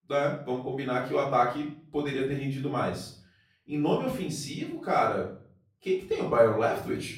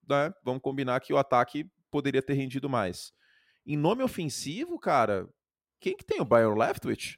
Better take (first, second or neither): second